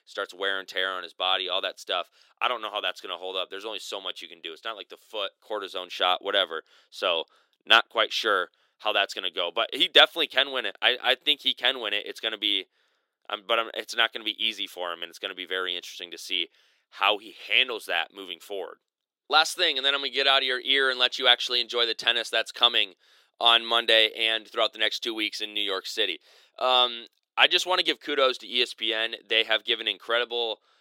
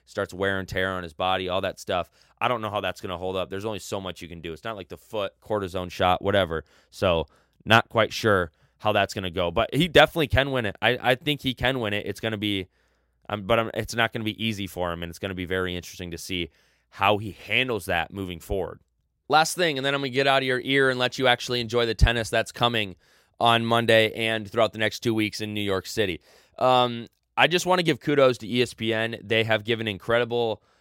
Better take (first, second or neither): second